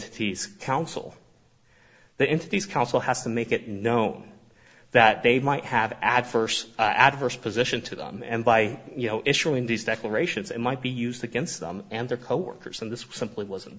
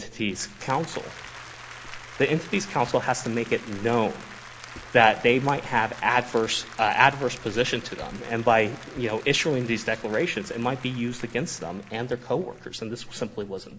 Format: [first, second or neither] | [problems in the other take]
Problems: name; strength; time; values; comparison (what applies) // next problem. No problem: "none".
first | background sound (Applause + Writing); 17 dB below the speech